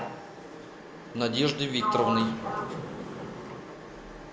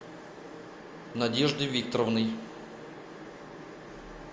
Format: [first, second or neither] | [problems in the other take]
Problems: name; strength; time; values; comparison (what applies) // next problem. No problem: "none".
second | background sound (Sliding door); 3 dB below the speech